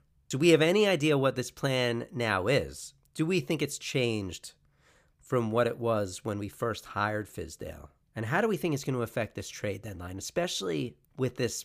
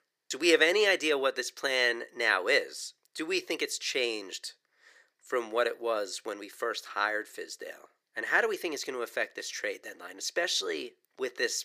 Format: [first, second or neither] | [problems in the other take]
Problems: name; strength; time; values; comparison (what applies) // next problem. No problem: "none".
first | thin; very; fading below 350 Hz